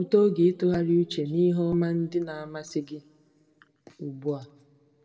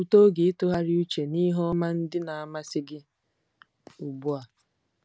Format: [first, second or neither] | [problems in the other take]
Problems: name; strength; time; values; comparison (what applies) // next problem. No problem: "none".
second | room echo; dies away in 1 s